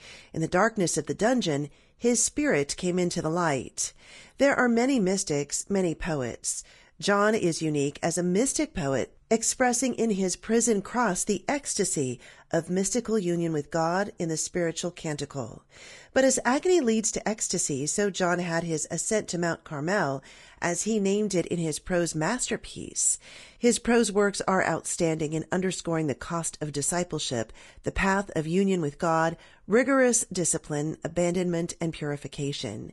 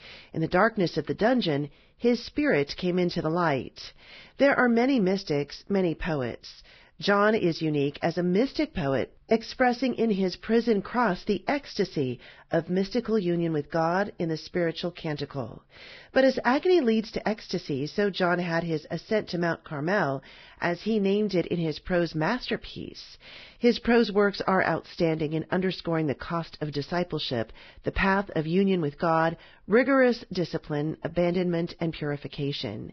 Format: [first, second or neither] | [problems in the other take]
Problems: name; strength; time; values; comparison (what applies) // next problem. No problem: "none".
first | garbled, watery; badly; nothing above 5.5 kHz; slightly in the first